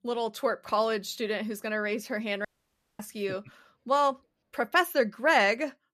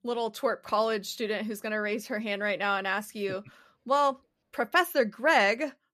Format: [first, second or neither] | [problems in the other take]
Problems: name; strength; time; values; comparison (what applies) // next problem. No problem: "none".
second | audio cutting out; at 2.5 s for 0.5 s